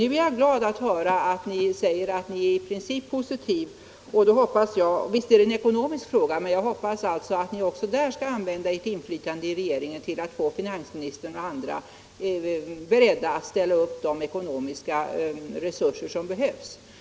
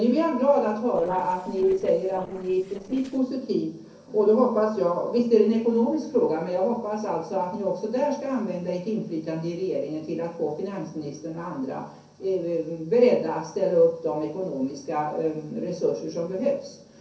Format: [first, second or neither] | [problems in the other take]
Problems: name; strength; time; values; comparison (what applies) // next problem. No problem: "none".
first | noise reduction (neural separator model SepFormer DNS4)